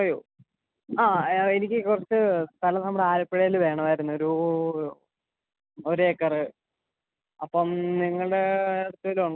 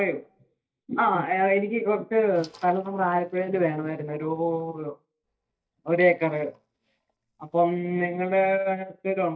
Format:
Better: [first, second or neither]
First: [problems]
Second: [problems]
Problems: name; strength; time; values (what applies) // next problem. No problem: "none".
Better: first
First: none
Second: noise reduction (neural mask model DeepFilterNet 3)